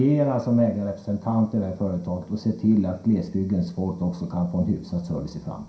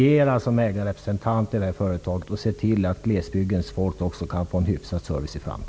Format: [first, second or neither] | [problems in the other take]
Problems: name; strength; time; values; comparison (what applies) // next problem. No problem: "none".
second | room echo; dies away in 0.5 s